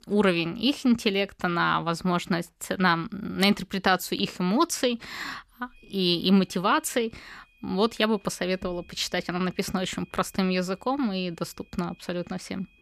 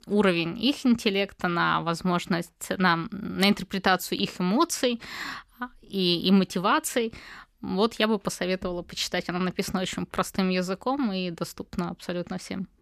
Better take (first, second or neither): second